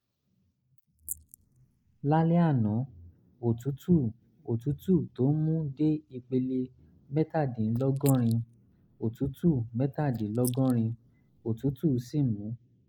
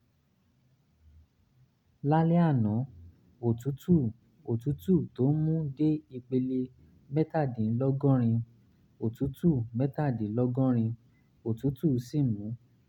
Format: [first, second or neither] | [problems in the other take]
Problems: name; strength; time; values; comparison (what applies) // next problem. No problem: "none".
second | noise reduction (neural mask model Resemble Enhance denoiser)